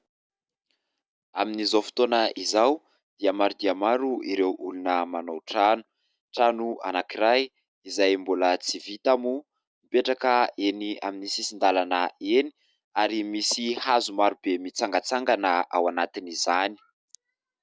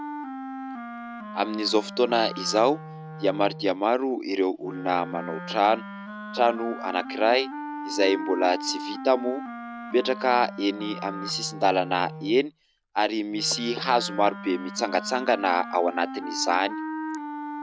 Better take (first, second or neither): first